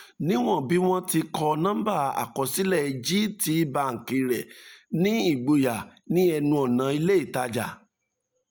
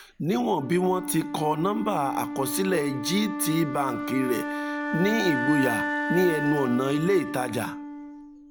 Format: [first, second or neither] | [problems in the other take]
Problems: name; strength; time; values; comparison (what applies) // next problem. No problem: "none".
first | background sound (Wind instrument, woodwind instrument); 5 dB below the speech